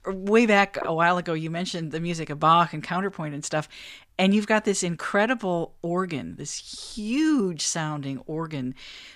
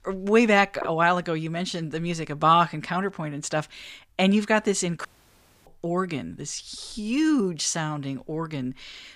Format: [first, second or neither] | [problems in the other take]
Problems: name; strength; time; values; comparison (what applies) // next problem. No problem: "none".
first | audio cutting out; at 5 s for 0.5 s